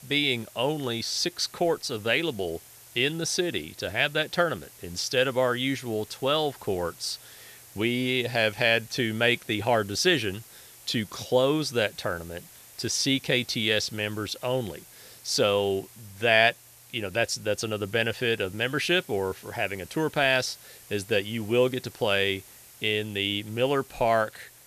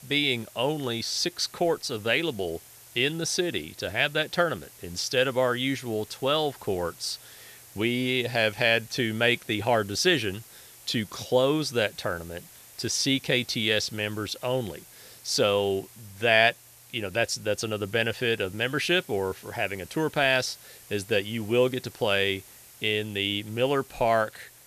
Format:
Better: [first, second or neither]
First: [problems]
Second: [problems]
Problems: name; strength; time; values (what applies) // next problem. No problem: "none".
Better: neither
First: hiss; faint; throughout; 20 dB below the speech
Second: hiss; faint; throughout; 20 dB below the speech